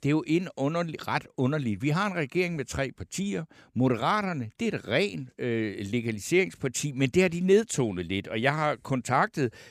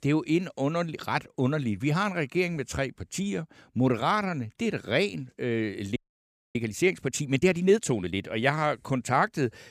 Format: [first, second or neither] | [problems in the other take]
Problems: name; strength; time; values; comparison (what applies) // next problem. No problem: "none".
first | audio freezing; at 6 s for 0.5 s